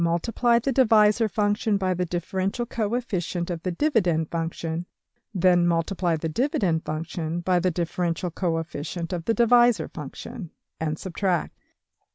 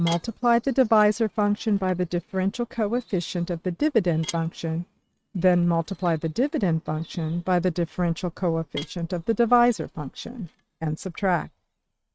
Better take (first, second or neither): first